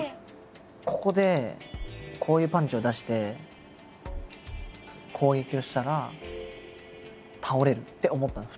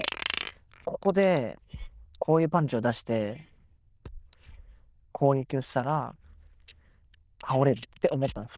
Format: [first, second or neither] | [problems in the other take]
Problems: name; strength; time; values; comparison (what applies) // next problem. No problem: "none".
first | noise reduction (neural diffusion model UNIVERSE++)